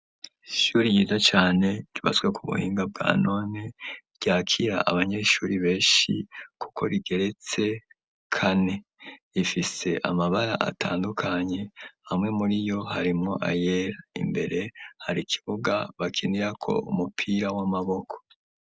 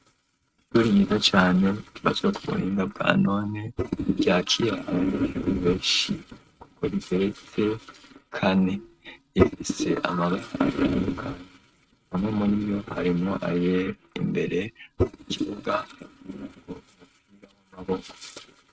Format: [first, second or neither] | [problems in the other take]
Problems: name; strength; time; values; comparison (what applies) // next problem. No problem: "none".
first | noise reduction (neural mask model RNNoise)